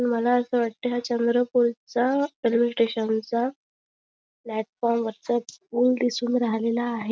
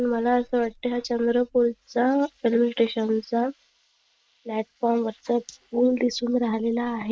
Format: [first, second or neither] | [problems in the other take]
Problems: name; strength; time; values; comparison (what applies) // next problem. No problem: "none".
first | noise reduction (neural mask model Resemble Enhance denoiser)